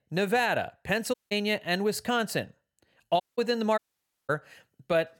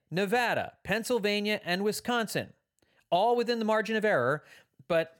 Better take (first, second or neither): second